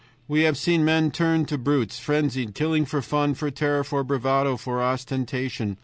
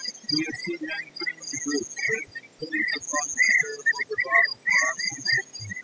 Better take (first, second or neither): first